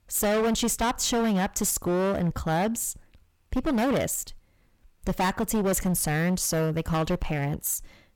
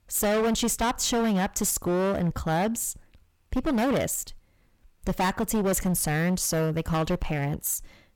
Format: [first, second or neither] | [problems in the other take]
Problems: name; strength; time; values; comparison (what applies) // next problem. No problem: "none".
neither | distortion; heavy; 17% of the sound clipped; the same in both